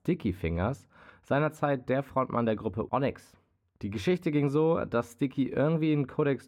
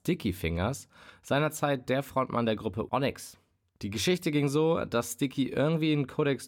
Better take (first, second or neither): second